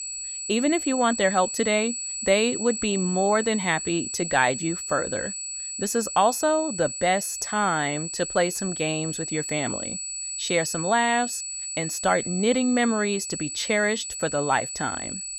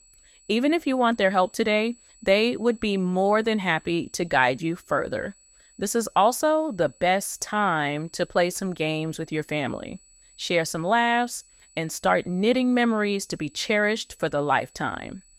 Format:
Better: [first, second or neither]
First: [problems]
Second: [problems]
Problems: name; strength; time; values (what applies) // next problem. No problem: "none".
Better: second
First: high-pitched whine; loud; throughout; 8 kHz, 5 dB below the speech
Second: high-pitched whine; faint; throughout; 8 kHz, 30 dB below the speech